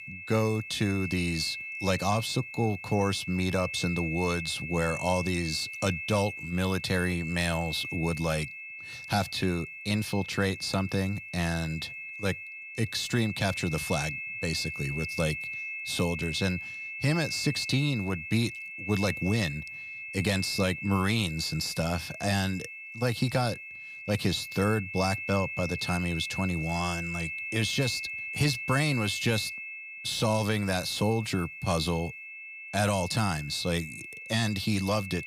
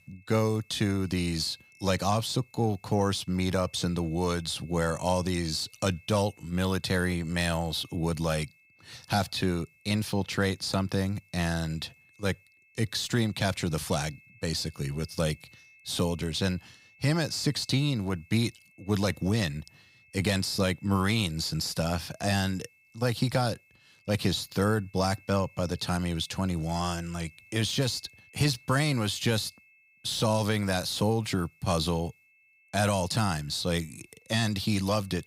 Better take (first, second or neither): second